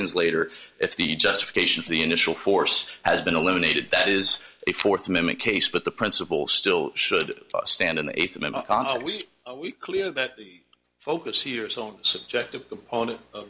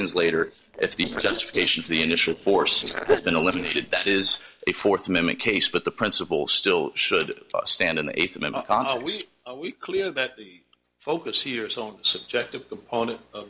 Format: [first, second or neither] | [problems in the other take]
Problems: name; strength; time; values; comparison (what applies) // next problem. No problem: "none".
first | noise reduction (neural separator model SepFormer DNS4)